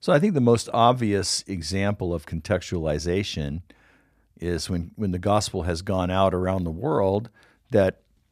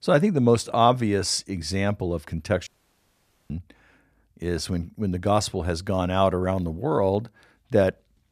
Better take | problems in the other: first | audio cutting out; at 2.5 s for 1 s

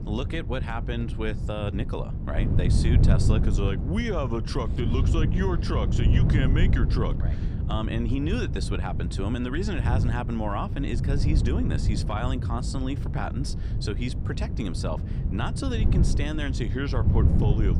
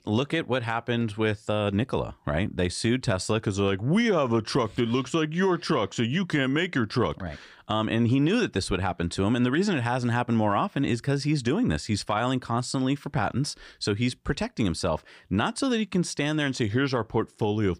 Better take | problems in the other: second | wind noise on the microphone; heavy; 6 dB below the speech

